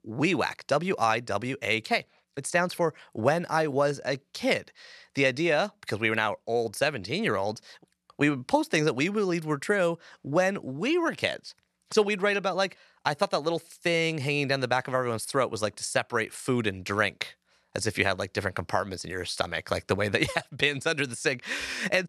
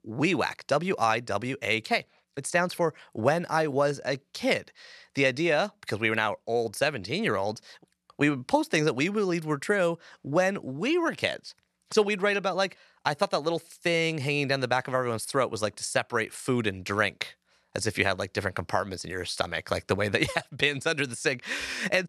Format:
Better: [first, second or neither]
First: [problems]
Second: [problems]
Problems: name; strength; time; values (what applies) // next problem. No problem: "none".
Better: neither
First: none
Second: none